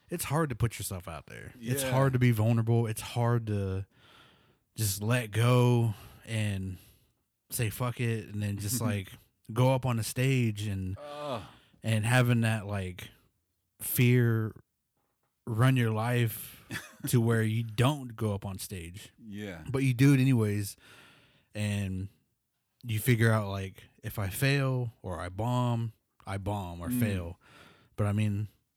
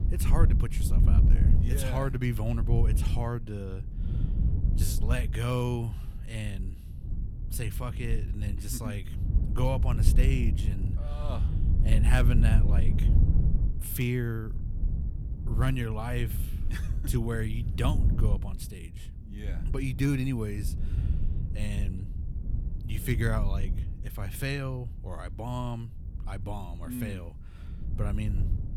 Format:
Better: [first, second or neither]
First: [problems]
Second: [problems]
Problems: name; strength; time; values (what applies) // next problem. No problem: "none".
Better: first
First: none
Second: wind noise on the microphone; heavy; 7 dB below the speech